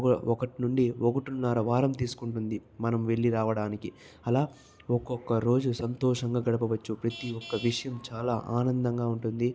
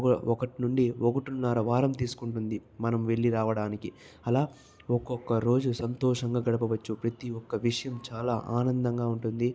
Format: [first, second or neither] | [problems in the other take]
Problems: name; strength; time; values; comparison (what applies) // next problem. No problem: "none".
second | background sound (Traffic noise, roadway noise / Vehicle horn, car horn, honking); 19 dB below the speech